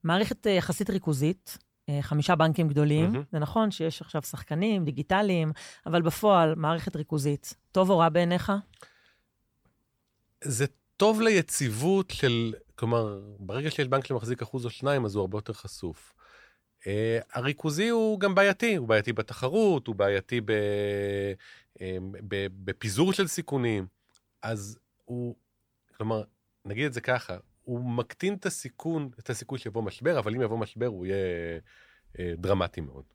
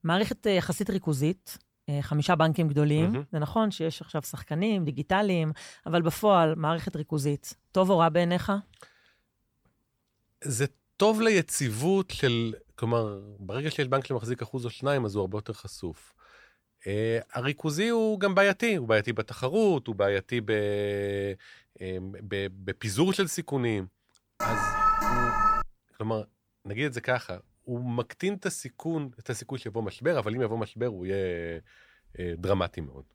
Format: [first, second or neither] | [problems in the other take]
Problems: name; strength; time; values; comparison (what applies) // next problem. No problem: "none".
first | alarm; loud; from 24 to 26 s; peak 4 dB above the speech